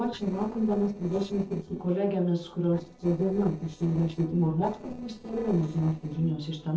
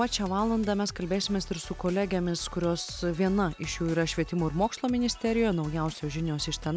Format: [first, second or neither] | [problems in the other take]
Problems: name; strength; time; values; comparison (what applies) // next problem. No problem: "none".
second | noise reduction (neural separator model SepFormer DNS4)